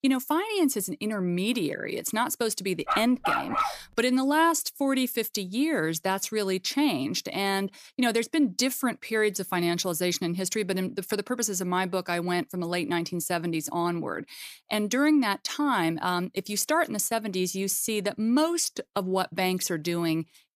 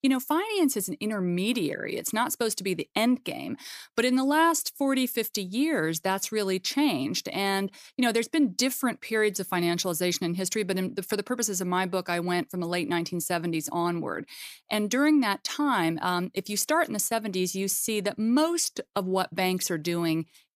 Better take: second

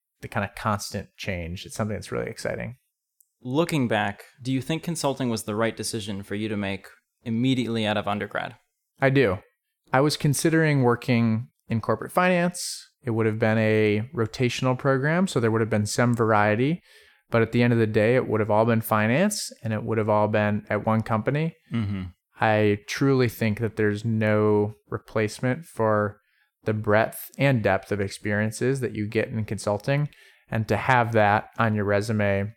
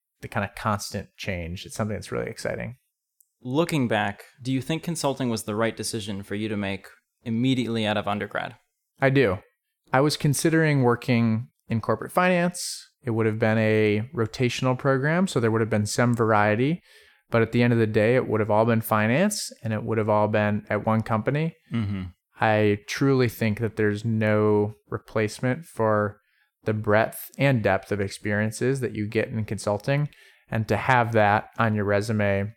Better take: neither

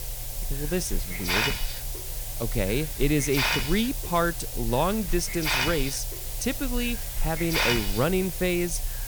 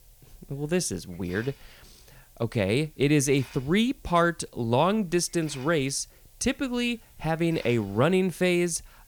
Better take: second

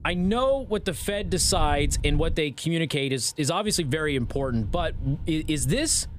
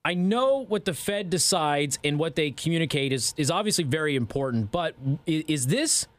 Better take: second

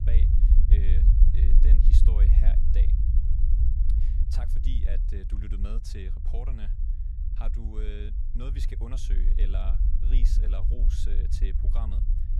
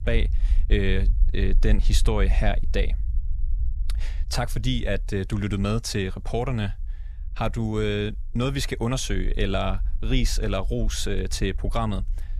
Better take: second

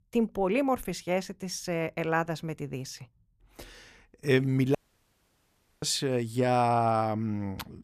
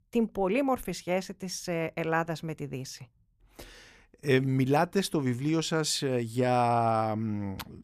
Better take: second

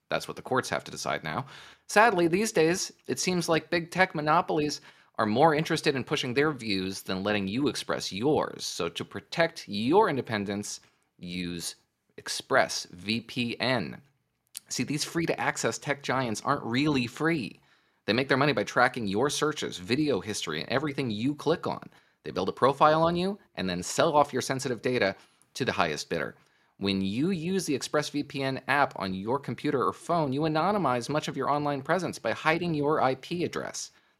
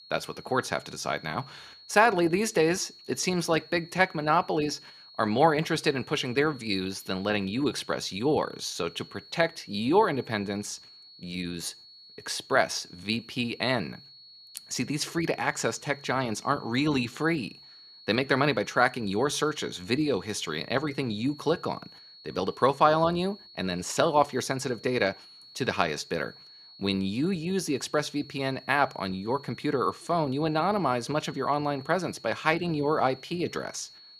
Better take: first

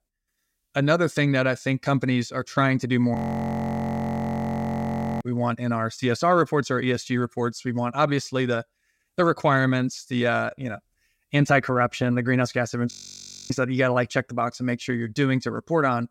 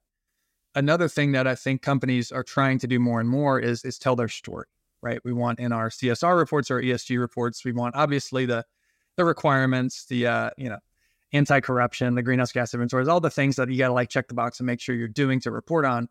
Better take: second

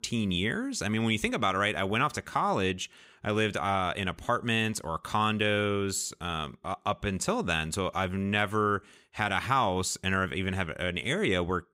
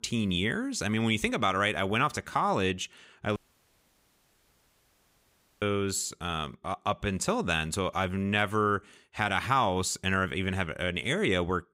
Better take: first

